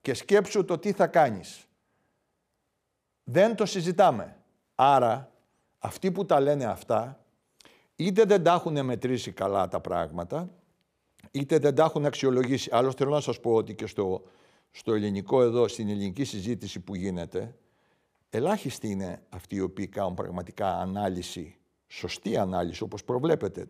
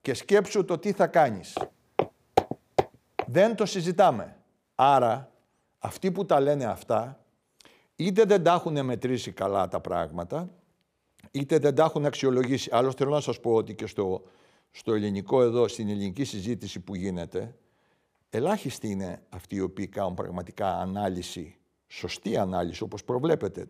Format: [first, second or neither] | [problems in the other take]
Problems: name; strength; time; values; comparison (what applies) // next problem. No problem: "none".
first | footsteps; noticeable; from 1.5 to 3 s; peak 1 dB below the speech